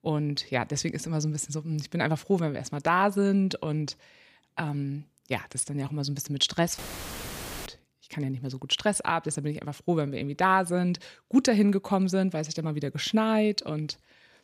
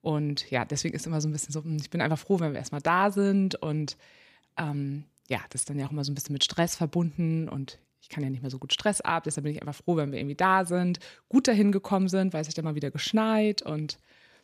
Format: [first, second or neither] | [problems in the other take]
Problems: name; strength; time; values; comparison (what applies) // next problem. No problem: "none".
second | audio cutting out; filled with static; at 7 s for 1 s